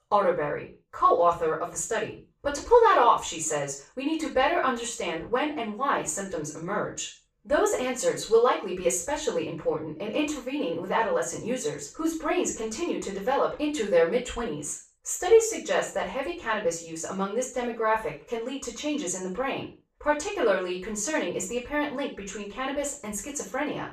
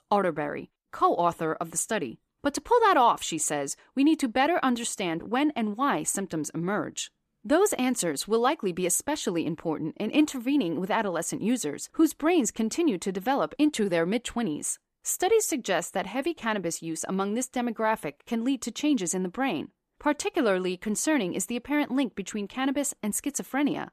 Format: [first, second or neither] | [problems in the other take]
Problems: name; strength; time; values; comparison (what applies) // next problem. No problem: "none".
second | room echo; noticeable; dies away in 0.3 s // off-mic speech; far